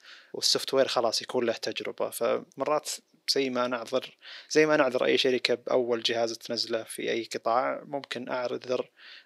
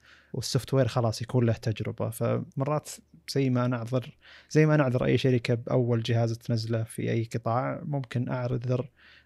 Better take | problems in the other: second | thin; very; fading below 350 Hz

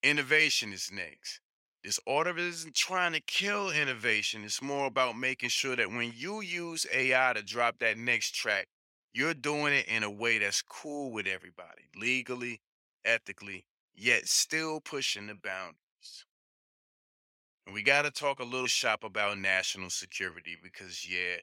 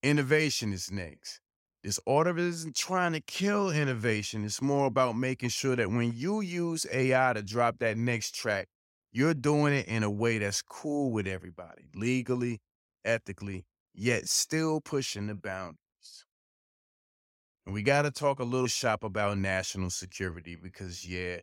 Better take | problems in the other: second | thin; somewhat; fading below 650 Hz

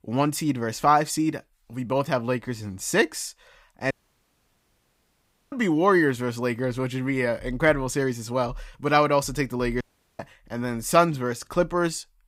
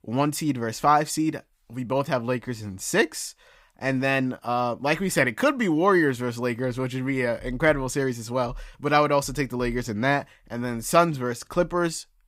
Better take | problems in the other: second | audio cutting out; at 4 s for 1.5 s and at 10 s

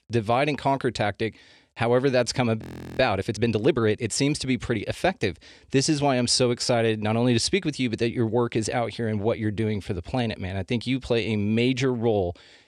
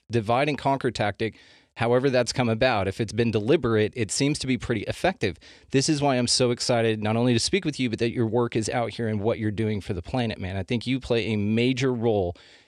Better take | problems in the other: second | audio freezing; at 2.5 s

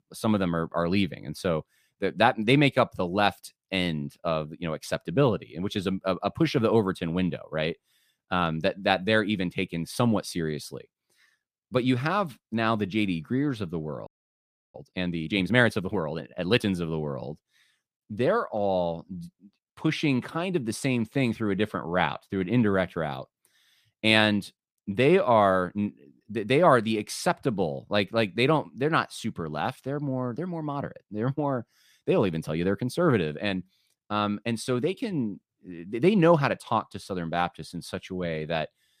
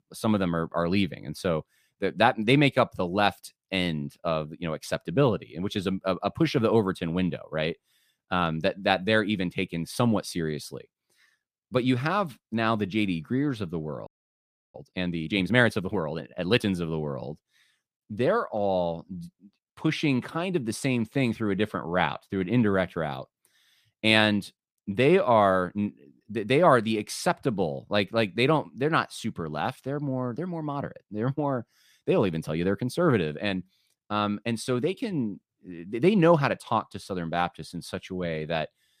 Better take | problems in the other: neither | audio freezing; at 14 s for 0.5 s; the same in both

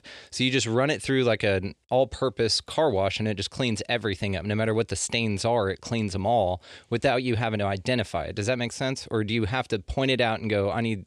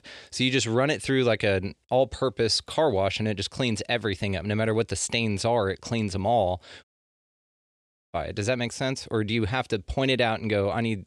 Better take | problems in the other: first | audio cutting out; at 7 s for 1.5 s

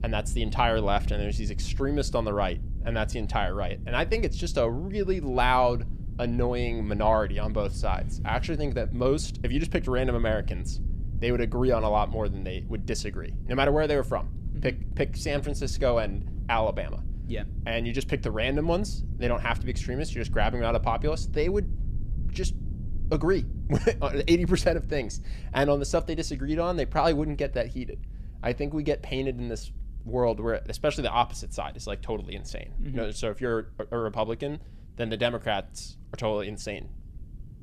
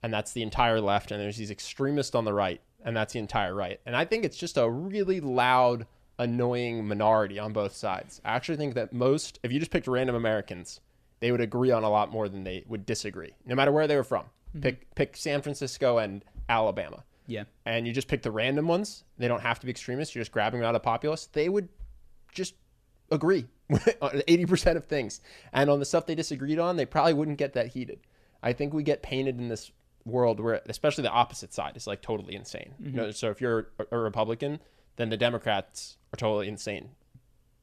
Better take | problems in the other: second | low rumble; faint; throughout; 20 dB below the speech

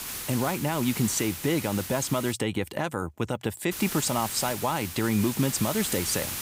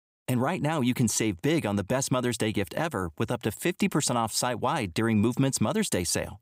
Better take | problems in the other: second | hiss; loud; until 2.5 s and from 3.5 s on; 6 dB below the speech

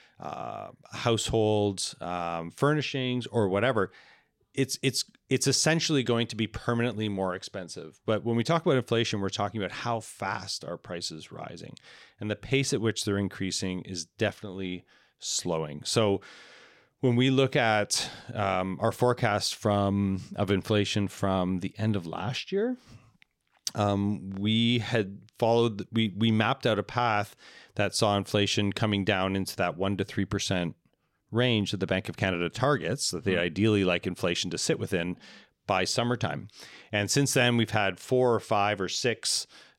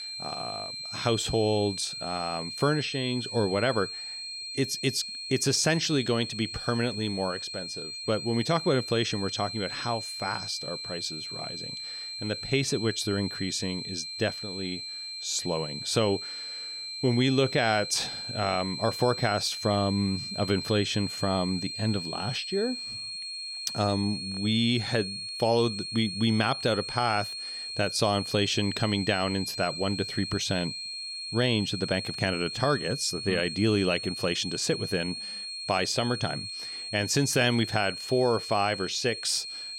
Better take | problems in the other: first | high-pitched whine; loud; throughout; 4.5 kHz, 6 dB below the speech

